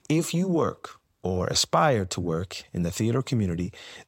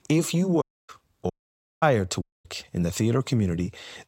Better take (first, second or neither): first